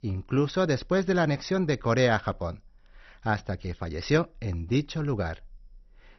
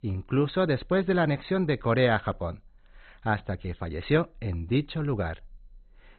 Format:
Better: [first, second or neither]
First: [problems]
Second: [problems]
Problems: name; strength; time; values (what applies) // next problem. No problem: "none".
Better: first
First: garbled, watery; slightly; nothing above 6 kHz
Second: garbled, watery; badly; nothing above 4 kHz